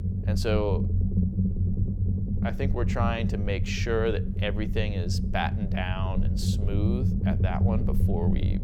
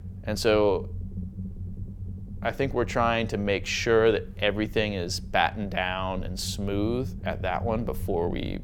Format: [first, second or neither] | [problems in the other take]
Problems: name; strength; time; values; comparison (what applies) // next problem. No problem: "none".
second | low rumble; loud; throughout; 7 dB below the speech; faint in the second